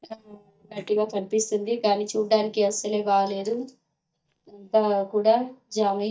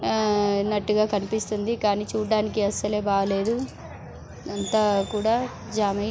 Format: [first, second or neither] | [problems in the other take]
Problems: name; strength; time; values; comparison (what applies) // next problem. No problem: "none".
second | noise reduction (neural mask model DeepFilterNet 3)